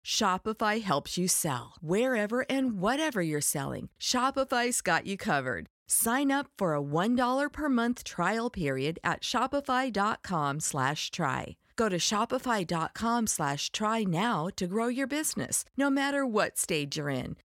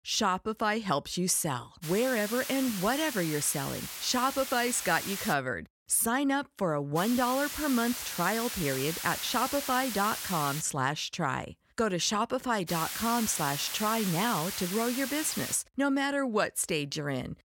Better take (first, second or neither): first